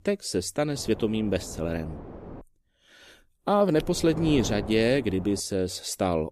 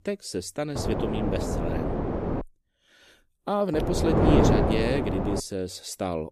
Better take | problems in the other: first | wind noise on the microphone; heavy; from 1 to 2.5 s and from 3.5 to 5.5 s; 2 dB above the speech; occasional gusts in the first

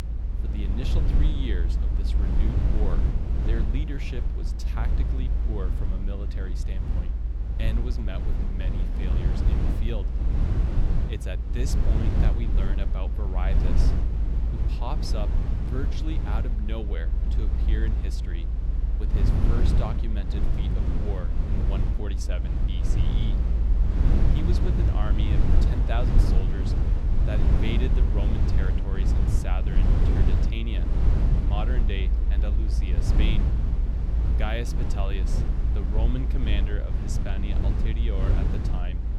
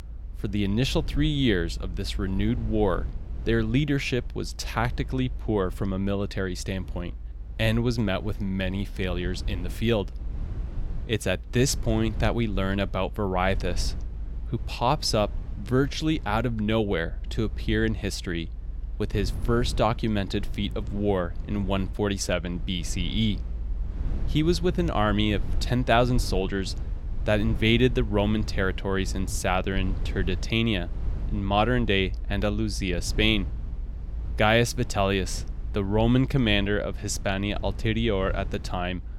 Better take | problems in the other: second | low rumble; loud; throughout; as loud as the speech; faint in the second

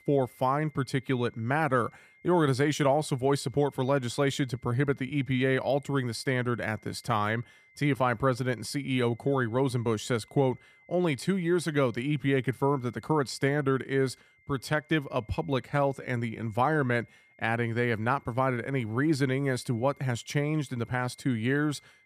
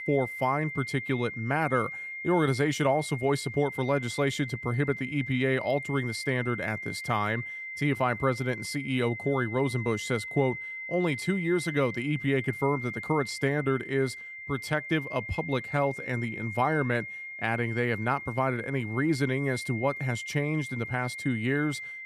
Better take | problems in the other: first | high-pitched whine; loud; throughout; 2 kHz, 8 dB below the speech; faint in the first

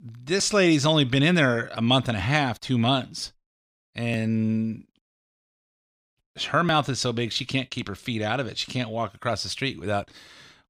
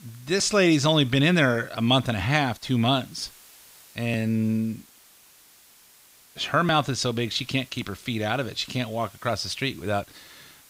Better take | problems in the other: first | hiss; faint; throughout; 25 dB below the speech

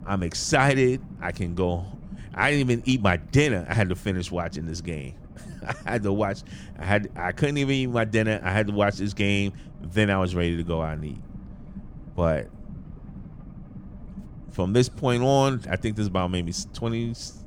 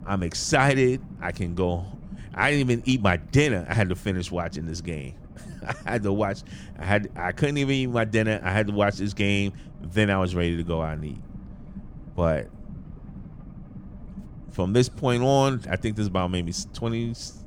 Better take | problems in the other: neither | low rumble; faint; throughout; 25 dB below the speech; the same in both

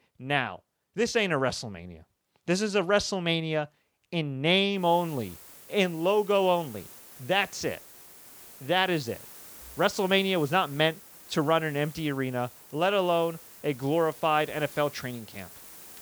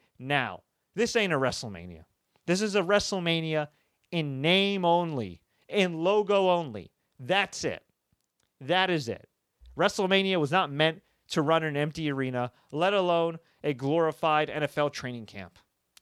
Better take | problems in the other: second | hiss; noticeable; from 5 s on; 15 dB below the speech

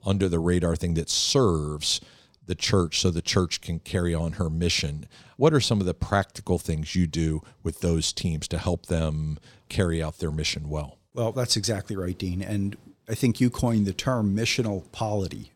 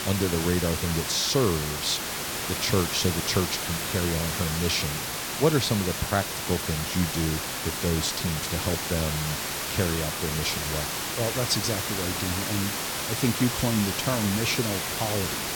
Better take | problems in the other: first | hiss; loud; throughout; 1 dB below the speech

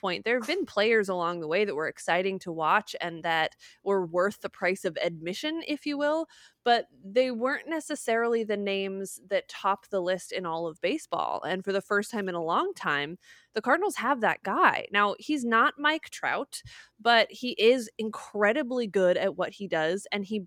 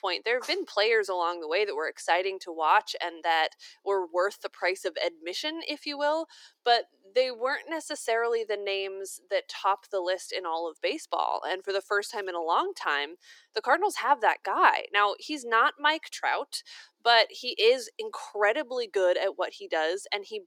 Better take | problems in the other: first | thin; very; fading below 350 Hz

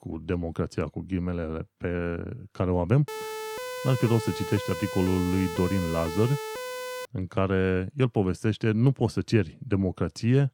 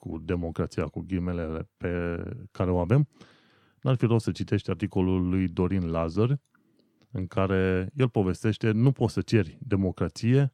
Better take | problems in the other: second | siren; noticeable; from 3 to 7 s; peak 7 dB below the speech

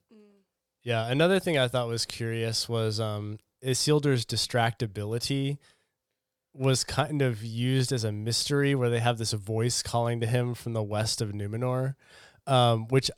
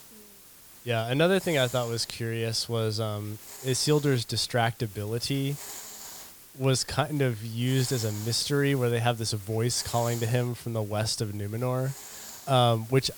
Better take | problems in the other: first | hiss; noticeable; throughout; 15 dB below the speech

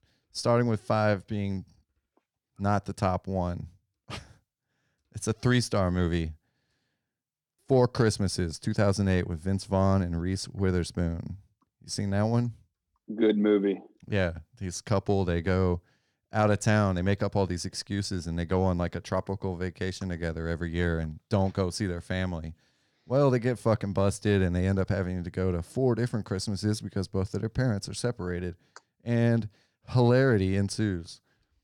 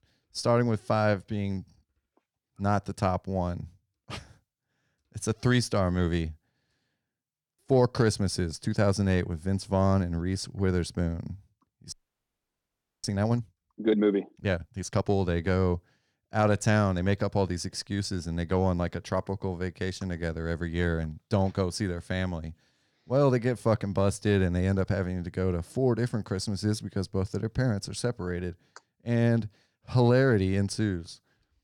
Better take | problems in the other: first | audio freezing; at 12 s for 1 s

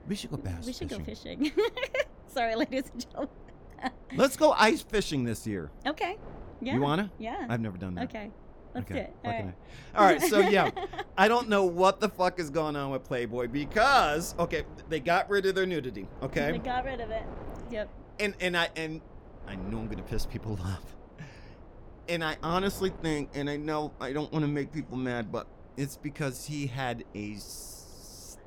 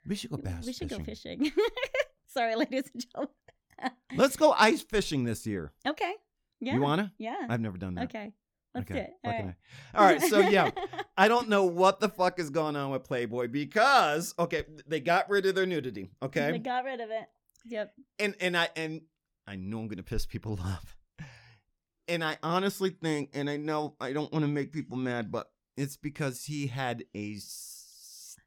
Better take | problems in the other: second | wind noise on the microphone; occasional gusts; 25 dB below the speech

